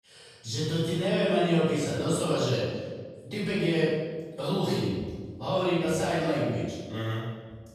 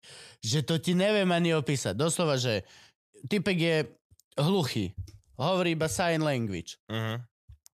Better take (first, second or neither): second